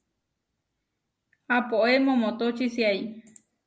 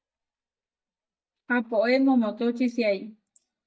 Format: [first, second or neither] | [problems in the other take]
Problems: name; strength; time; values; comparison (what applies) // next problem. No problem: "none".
first | noise reduction (neural mask model DeepFilterNet 3)